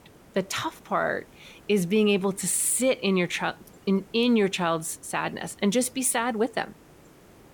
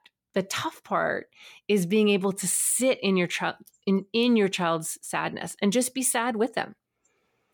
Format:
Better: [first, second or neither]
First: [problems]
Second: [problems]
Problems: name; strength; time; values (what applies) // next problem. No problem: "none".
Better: second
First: hiss; faint; throughout; 25 dB below the speech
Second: none